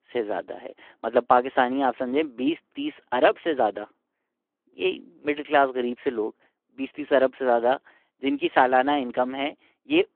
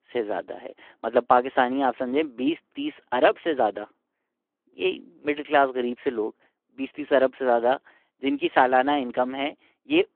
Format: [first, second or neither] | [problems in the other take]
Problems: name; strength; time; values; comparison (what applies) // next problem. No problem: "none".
neither | phone-call audio; the same in both